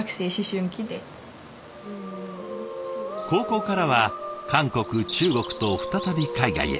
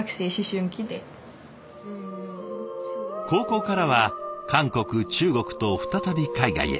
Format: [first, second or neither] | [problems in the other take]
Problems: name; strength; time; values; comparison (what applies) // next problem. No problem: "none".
second | background sound (Bird vocalization, bird call, bird song); 17 dB below the speech